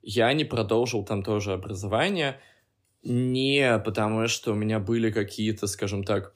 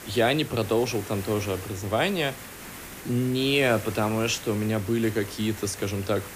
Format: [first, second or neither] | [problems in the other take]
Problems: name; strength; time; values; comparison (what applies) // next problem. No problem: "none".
first | hiss; noticeable; throughout; 15 dB below the speech